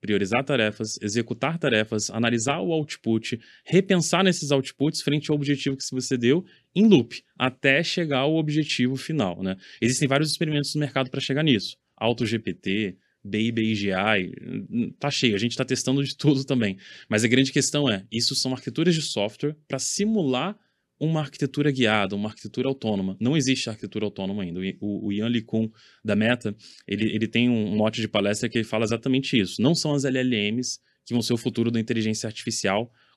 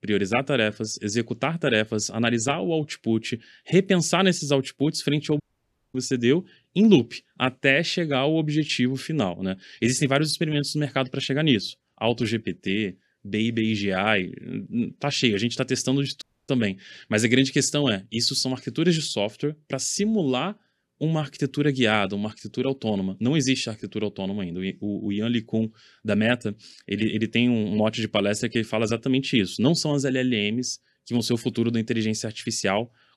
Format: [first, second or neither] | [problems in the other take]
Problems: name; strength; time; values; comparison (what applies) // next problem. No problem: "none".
first | audio cutting out; at 5.5 s for 0.5 s and at 16 s